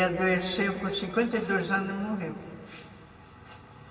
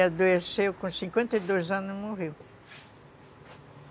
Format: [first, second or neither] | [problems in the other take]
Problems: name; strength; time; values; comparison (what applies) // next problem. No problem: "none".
second | room echo; dies away in 2.4 s